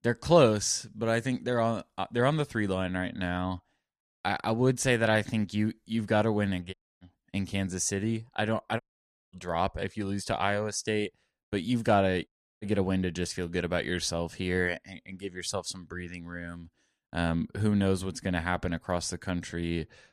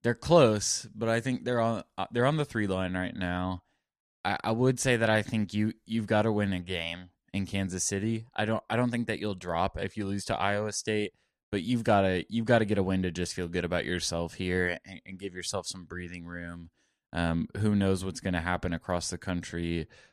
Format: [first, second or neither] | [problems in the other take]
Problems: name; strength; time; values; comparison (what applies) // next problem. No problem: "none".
second | audio cutting out; at 6.5 s, at 9 s for 0.5 s and at 12 s